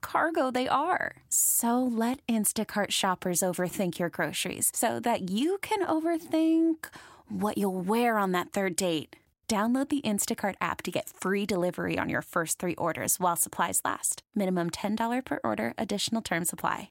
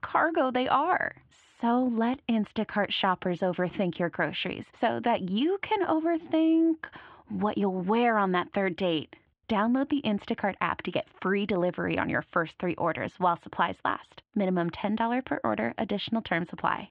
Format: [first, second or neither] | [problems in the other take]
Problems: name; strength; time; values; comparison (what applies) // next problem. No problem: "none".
first | muffled; very; fading above 3 kHz